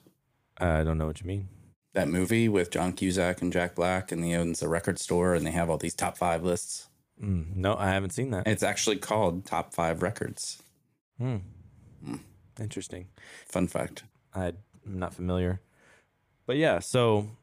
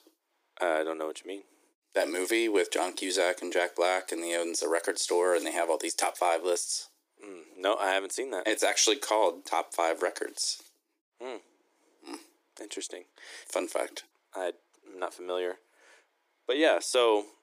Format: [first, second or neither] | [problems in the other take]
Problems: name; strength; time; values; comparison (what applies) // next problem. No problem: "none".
first | thin; very; fading below 300 Hz